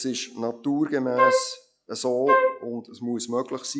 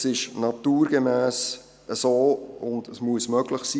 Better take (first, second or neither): second